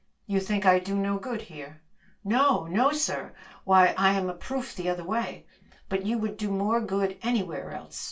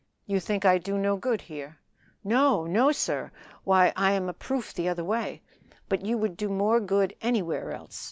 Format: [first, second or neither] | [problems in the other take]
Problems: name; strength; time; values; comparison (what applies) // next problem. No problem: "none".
second | room echo; dies away in 0.2 s